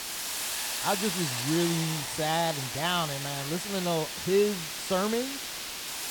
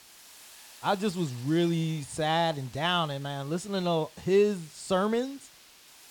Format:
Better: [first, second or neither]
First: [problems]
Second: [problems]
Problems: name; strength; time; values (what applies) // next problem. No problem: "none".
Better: second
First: hiss; loud; throughout; 2 dB below the speech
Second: hiss; faint; throughout; 20 dB below the speech